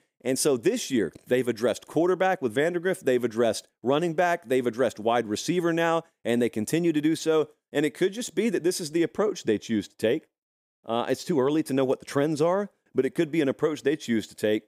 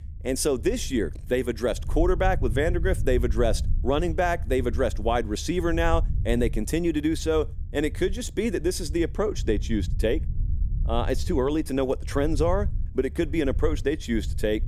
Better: first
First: none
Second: low rumble; faint; throughout; 20 dB below the speech

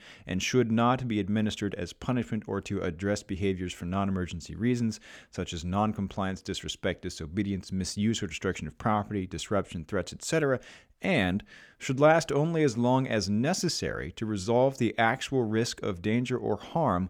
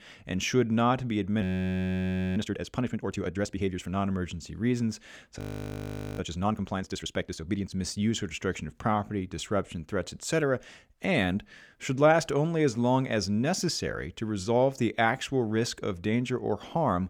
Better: first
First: none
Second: audio freezing; at 1.5 s for 1 s and at 5.5 s for 1 s

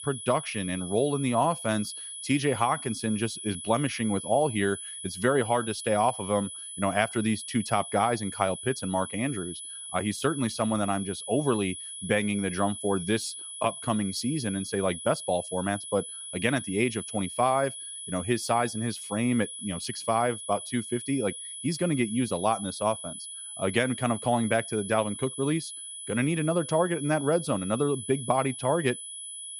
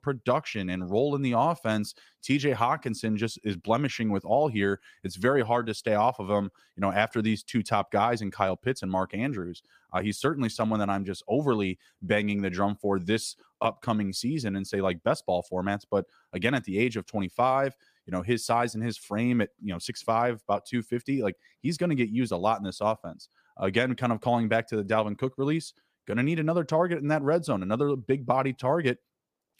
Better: second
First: high-pitched whine; loud; throughout; 10 kHz, 8 dB below the speech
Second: none

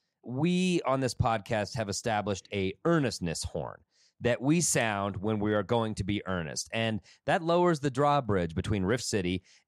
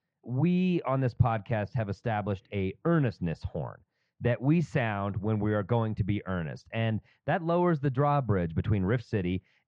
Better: first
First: none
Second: muffled; very; fading above 2.5 kHz

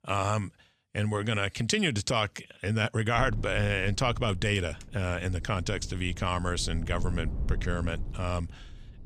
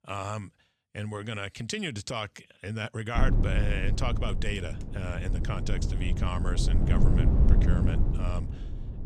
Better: first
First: low rumble; faint; from 3 s on; 20 dB below the speech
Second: low rumble; loud; from 3 s on; 5 dB below the speech

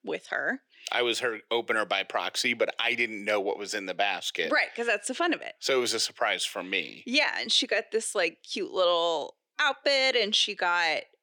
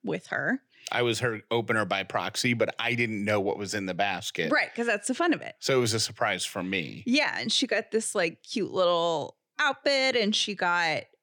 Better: second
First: thin; somewhat; fading below 400 Hz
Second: none

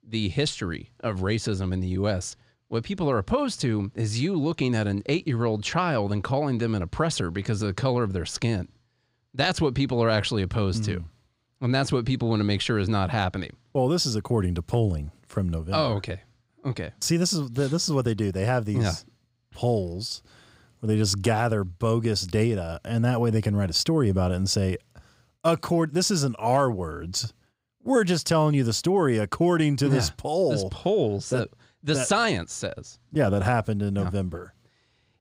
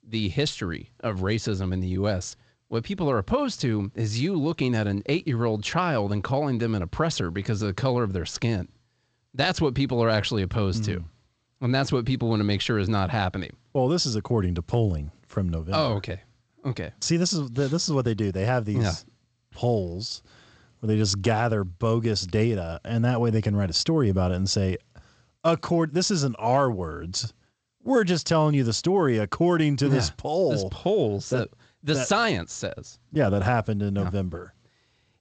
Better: first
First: none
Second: garbled, watery; slightly; nothing above 7.5 kHz

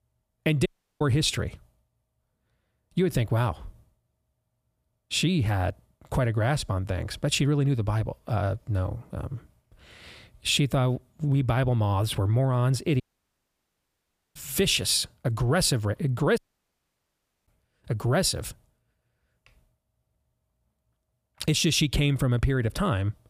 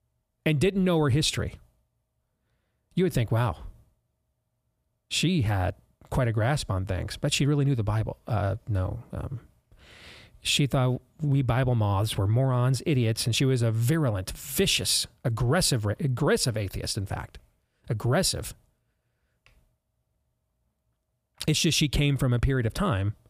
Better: second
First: audio cutting out; at 0.5 s, at 13 s for 1.5 s and at 16 s for 1 s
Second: none

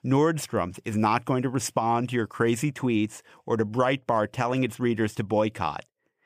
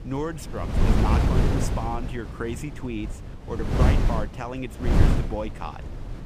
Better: first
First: none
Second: wind noise on the microphone; heavy; 1 dB above the speech

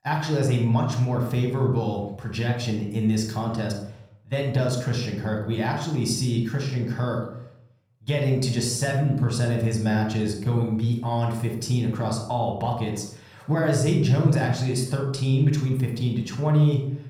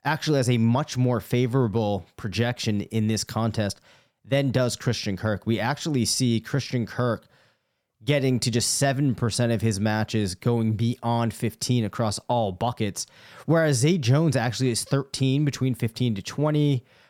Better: second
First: off-mic speech; somewhat distant // room echo; noticeable; dies away in 0.6 s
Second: none

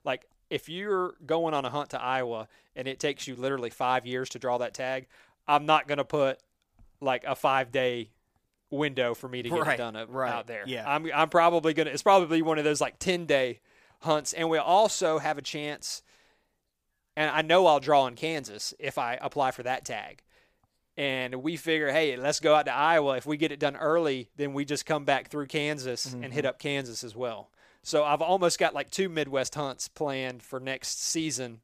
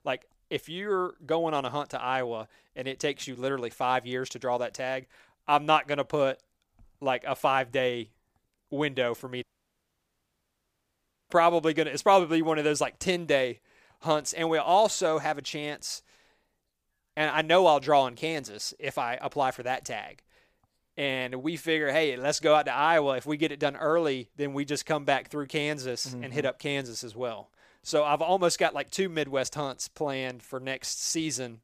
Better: first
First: none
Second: audio cutting out; at 9.5 s for 2 s

